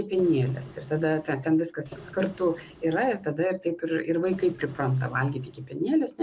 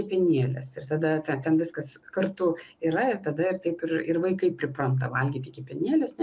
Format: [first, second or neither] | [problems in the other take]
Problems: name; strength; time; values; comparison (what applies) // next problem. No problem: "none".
second | background sound (Printer); 20 dB below the speech